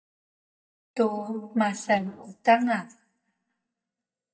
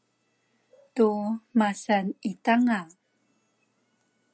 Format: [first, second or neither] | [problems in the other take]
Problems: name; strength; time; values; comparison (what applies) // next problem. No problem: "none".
second | noise reduction (neural mask model DeepFilterNet 3)